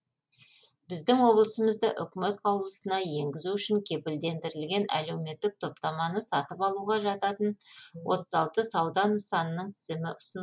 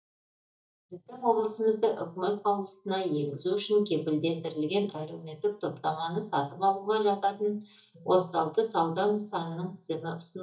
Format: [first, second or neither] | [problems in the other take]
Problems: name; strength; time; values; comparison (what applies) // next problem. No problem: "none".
first | noise reduction (neural mask model DeepFilterNet 3)